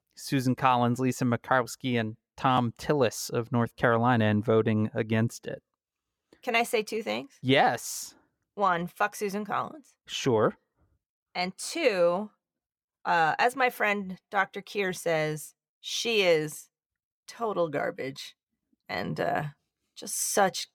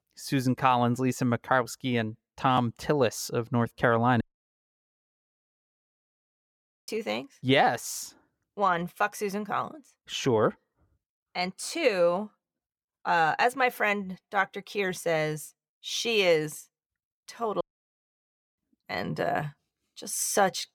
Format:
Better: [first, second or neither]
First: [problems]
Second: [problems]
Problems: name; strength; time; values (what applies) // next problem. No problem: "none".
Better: first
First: none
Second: audio cutting out; at 4 s for 2.5 s and at 18 s for 1 s